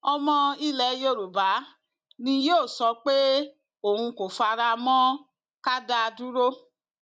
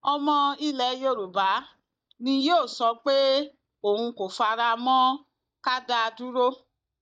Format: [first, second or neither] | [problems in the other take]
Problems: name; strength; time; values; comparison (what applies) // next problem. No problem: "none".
first | noise reduction (neural mask model DeepFilterNet 3)